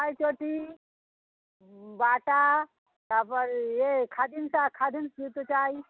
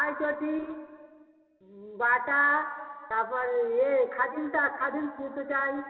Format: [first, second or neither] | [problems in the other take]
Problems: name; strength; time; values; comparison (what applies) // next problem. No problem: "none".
first | room echo; dies away in 2.4 s